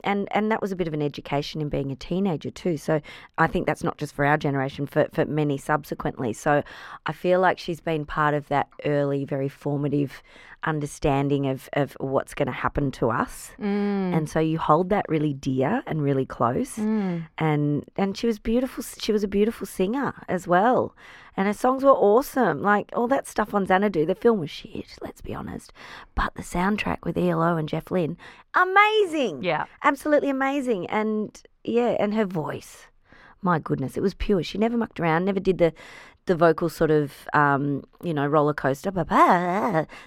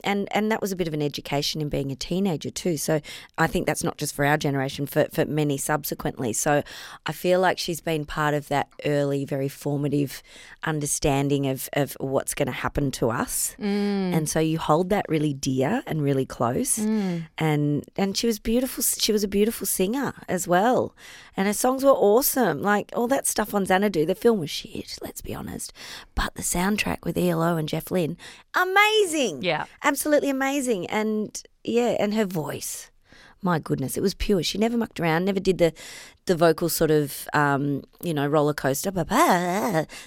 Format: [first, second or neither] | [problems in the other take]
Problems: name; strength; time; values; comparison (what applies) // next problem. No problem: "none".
second | muffled; slightly; fading above 4 kHz